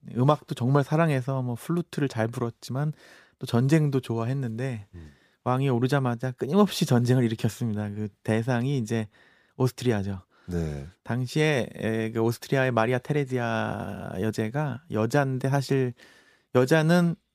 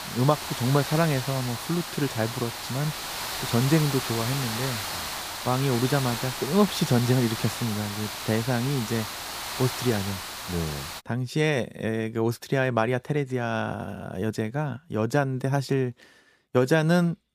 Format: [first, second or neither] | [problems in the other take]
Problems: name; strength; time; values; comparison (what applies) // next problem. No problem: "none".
first | hiss; loud; until 11 s; 5 dB below the speech